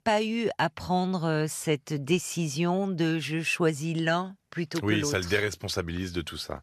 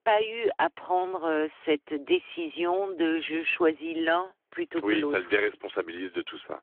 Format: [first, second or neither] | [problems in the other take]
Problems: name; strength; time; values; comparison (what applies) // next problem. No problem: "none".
first | phone-call audio